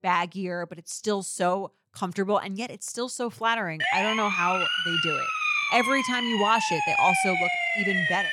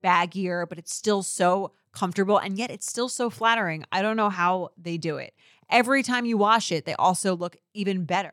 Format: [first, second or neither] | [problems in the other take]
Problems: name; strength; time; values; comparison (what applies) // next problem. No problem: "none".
second | siren; loud; from 4 s on; peak 6 dB above the speech